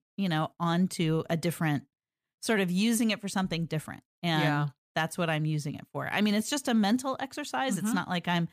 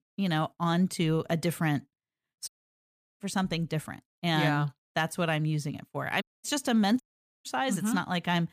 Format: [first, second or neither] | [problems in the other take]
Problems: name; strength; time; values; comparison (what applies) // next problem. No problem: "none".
first | audio cutting out; at 2.5 s for 0.5 s, at 6 s and at 7 s